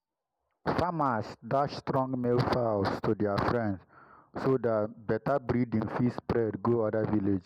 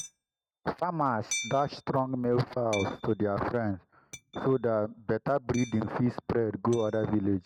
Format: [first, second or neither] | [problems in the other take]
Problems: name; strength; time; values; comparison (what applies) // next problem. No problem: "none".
first | noise reduction (neural mask model RNNoise)